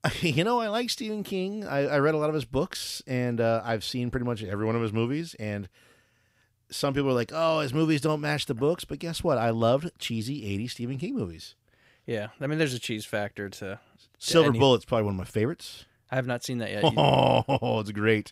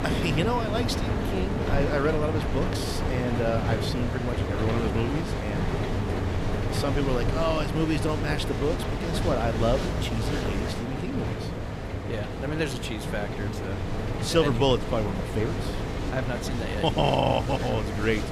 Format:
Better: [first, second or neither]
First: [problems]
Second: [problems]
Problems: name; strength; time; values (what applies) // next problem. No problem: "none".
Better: first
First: none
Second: machinery noise; loud; throughout; 1 dB below the speech